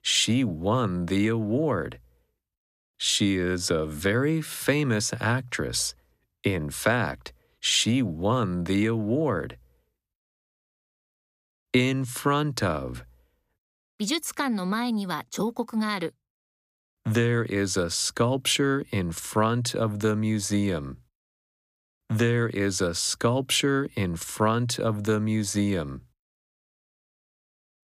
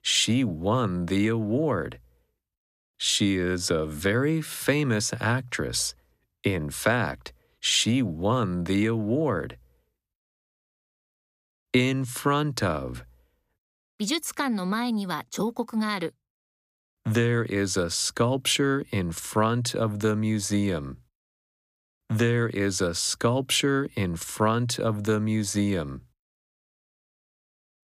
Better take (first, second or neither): neither